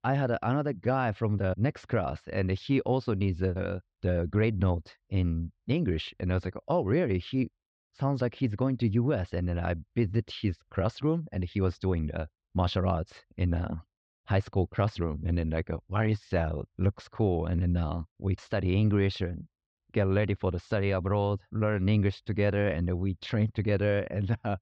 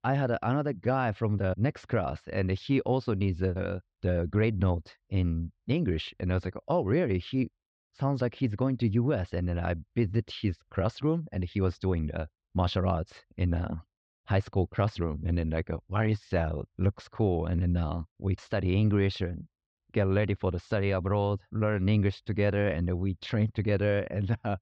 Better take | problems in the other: neither | muffled; very slightly; fading above 4 kHz; the same in both

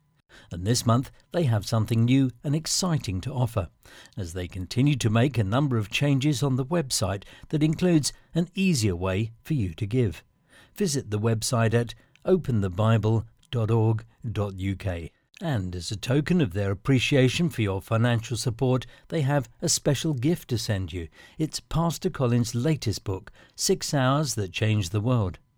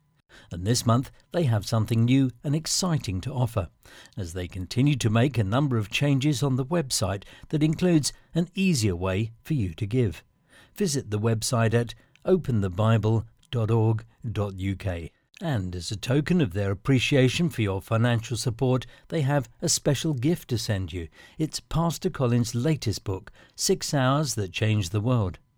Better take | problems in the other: neither | none

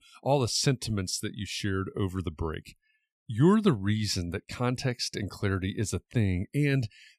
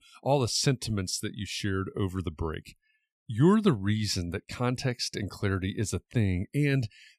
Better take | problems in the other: neither | none

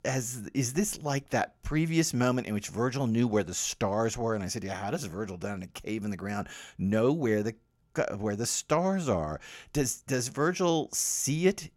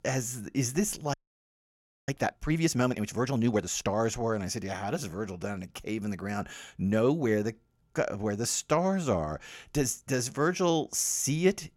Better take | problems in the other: first | audio freezing; at 1 s for 1 s

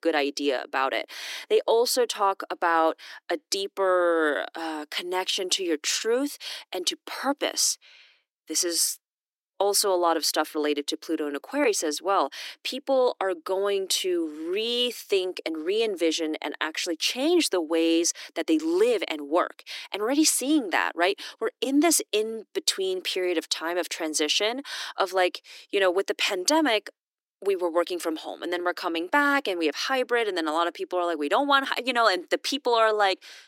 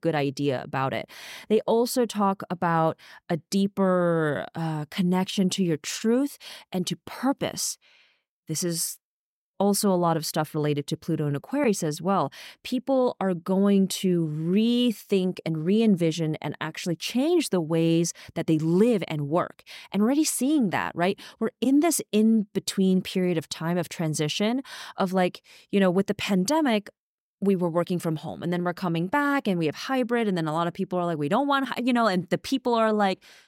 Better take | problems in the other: second | thin; somewhat; fading below 300 Hz

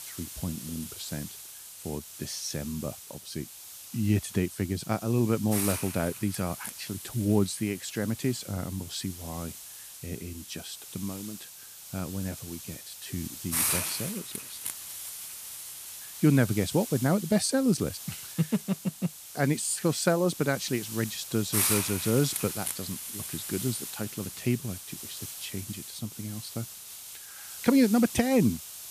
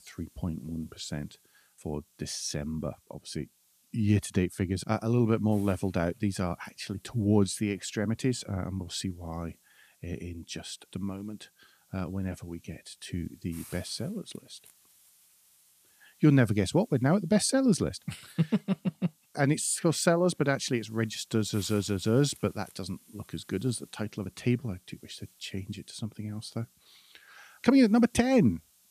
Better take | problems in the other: second | hiss; loud; throughout; 6 dB below the speech; faint in the second

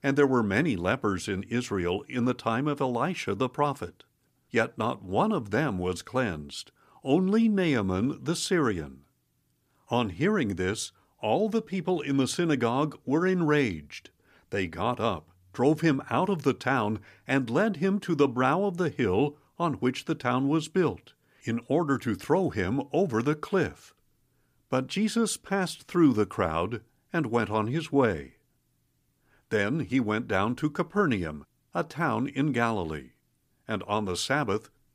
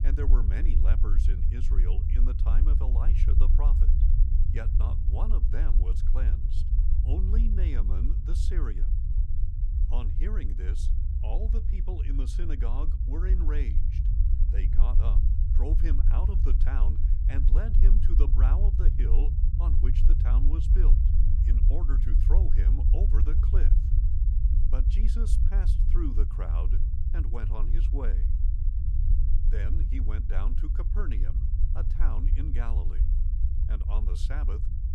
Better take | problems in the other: first | low rumble; loud; throughout; 3 dB below the speech

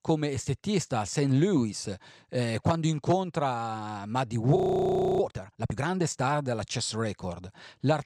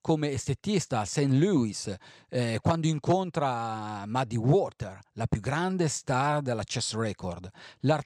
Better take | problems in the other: second | audio freezing; at 4.5 s for 0.5 s

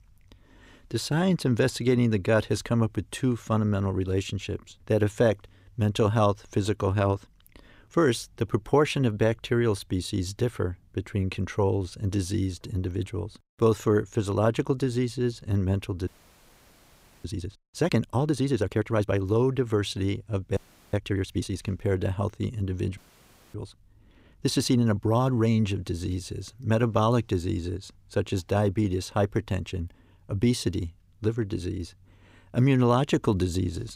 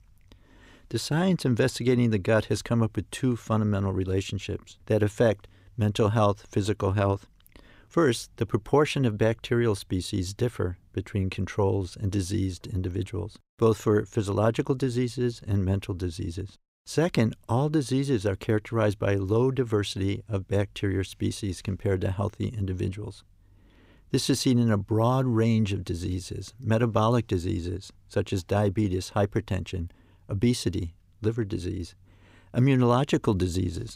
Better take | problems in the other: second | audio freezing; at 16 s for 1 s, at 21 s and at 23 s for 0.5 s

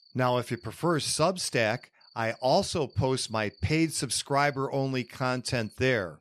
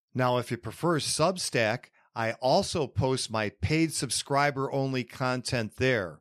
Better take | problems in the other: second | animal sounds; faint; throughout; 30 dB below the speech

